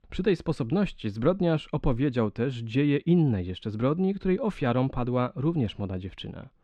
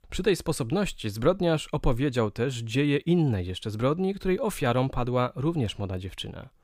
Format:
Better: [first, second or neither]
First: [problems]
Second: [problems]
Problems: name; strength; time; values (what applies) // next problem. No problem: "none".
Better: second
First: muffled; slightly; fading above 3.5 kHz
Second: none